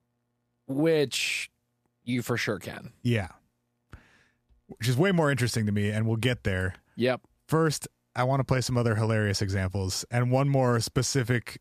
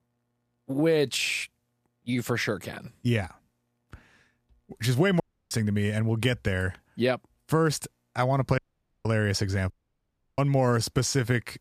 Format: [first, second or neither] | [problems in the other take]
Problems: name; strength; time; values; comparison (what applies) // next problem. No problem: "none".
first | audio cutting out; at 5 s, at 8.5 s and at 9.5 s for 0.5 s